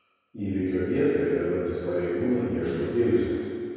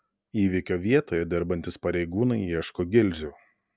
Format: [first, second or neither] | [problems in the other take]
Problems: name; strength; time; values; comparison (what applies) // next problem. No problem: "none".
second | background sound (Cough); 16 dB below the speech // room echo; dies away in 2.2 s